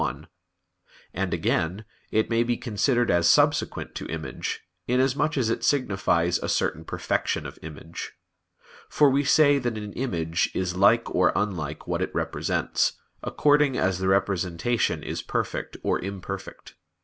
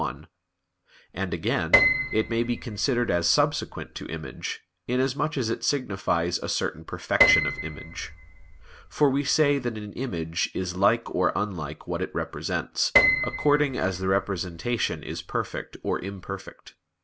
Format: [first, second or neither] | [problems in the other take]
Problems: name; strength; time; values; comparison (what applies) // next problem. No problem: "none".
first | background sound (Piano); 1 dB below the speech